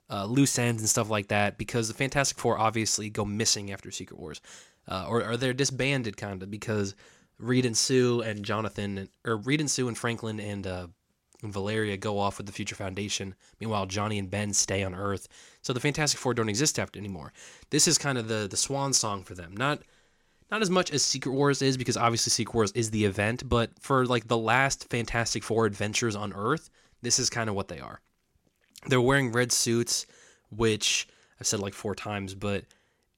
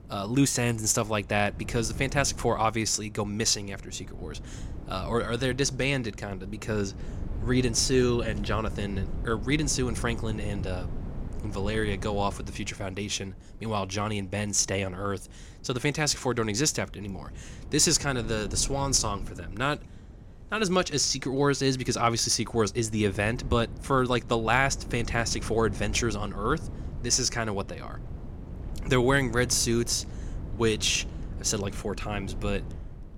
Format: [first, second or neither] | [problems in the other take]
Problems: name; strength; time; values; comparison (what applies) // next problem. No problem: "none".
first | wind noise on the microphone; occasional gusts; 20 dB below the speech